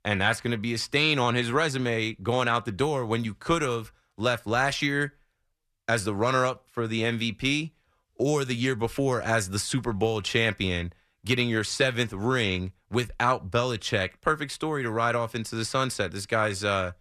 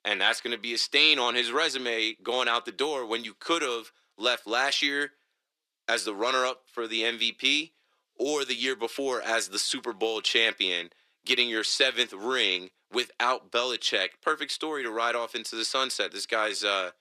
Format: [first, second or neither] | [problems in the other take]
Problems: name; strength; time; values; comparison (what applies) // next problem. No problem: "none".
first | thin; somewhat; fading below 300 Hz